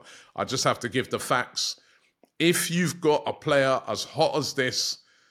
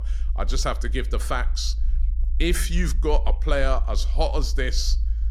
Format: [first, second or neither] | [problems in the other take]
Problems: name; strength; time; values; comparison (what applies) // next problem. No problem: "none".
first | low rumble; faint; throughout; 20 dB below the speech